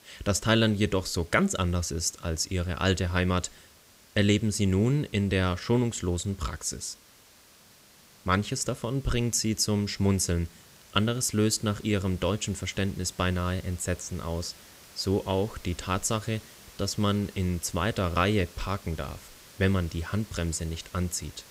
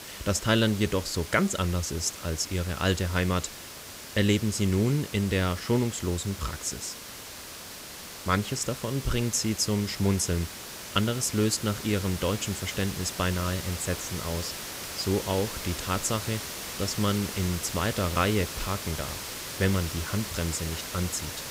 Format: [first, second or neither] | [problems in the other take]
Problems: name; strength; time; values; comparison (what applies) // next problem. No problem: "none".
first | hiss; loud; throughout; 8 dB below the speech; faint in the first